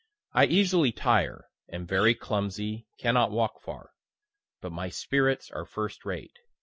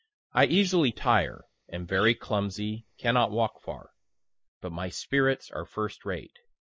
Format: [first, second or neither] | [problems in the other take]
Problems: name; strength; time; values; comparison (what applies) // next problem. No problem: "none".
first | noise reduction (neural mask model Resemble Enhance denoiser)